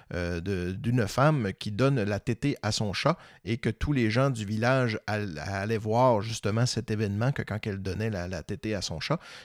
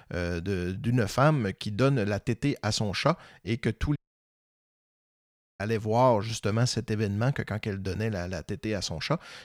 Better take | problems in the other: first | audio cutting out; at 4 s for 1.5 s

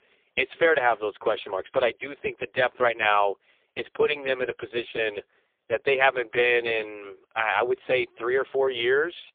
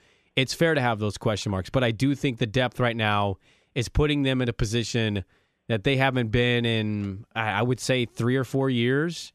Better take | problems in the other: second | phone-call audio; poor line; nothing above 3.5 kHz

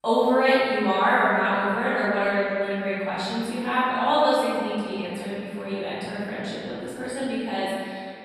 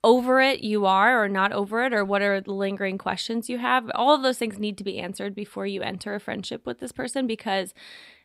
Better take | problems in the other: second | off-mic speech; far // room echo; strong; dies away in 2.1 s

